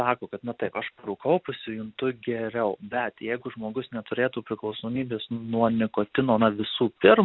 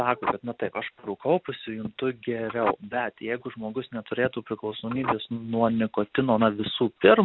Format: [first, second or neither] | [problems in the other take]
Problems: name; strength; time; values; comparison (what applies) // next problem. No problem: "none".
first | background sound (Telephone); 11 dB below the speech